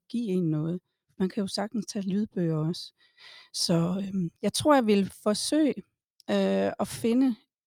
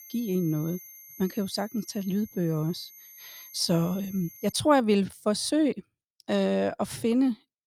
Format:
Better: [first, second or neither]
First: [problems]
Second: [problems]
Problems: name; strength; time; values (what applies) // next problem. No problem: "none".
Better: first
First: none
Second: high-pitched whine; noticeable; until 4.5 s; 11.5 kHz, 20 dB below the speech